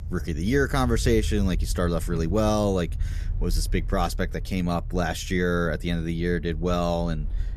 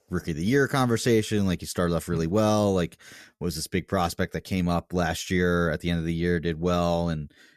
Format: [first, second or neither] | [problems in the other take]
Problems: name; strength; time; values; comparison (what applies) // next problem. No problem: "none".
second | low rumble; faint; throughout; 25 dB below the speech